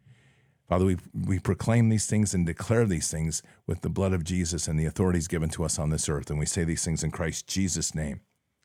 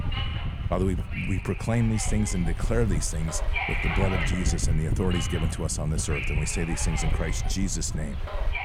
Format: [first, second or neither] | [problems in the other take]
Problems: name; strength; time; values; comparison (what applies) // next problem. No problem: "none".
first | wind noise on the microphone; heavy; 1 dB below the speech